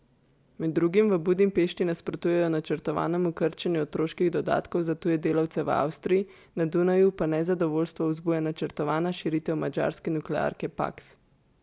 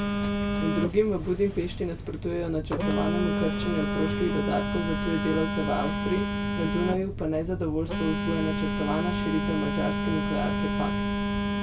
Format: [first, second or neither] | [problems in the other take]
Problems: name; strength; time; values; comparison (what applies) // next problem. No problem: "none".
first | background sound (Telephone); 1 dB above the speech // room echo; dies away in 0.2 s